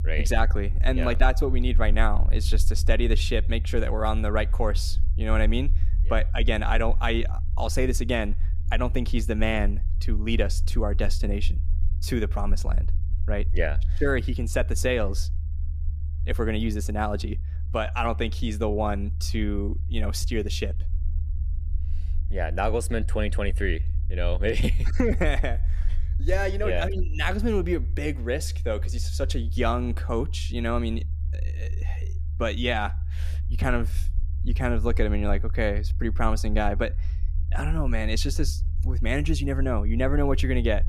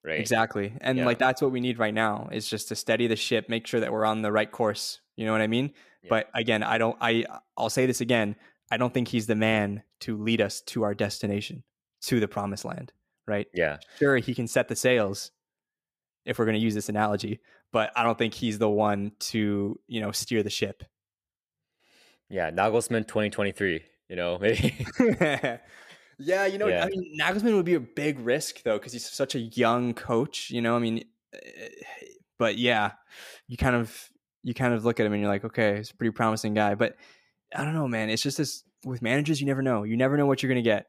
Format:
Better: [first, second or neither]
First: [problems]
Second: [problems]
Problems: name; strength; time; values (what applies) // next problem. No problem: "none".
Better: second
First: low rumble; noticeable; throughout; 20 dB below the speech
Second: none